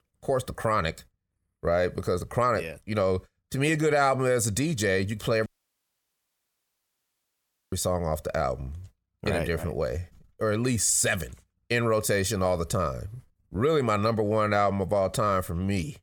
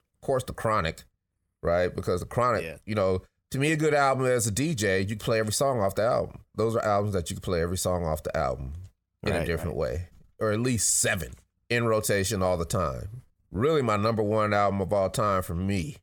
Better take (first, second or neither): second